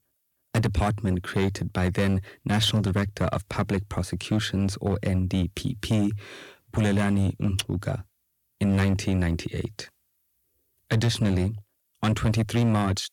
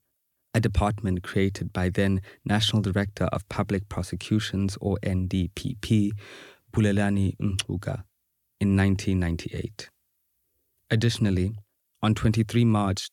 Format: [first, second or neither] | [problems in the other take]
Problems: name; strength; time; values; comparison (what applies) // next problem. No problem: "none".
second | distortion; slight; 7% of the sound clipped